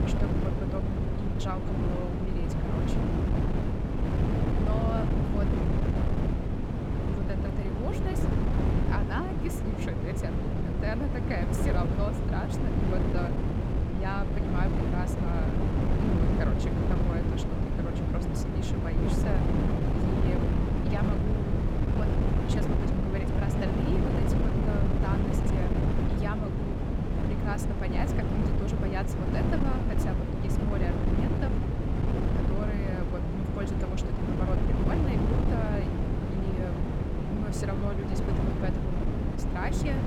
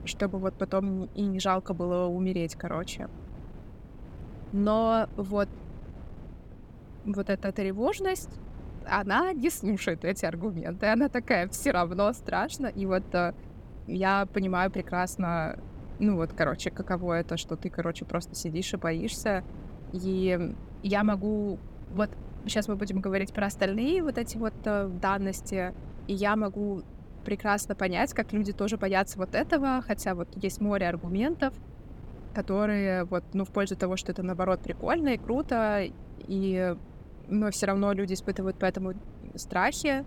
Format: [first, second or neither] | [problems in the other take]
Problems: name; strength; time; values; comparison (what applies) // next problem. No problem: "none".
second | wind noise on the microphone; heavy; 3 dB above the speech; occasional gusts in the second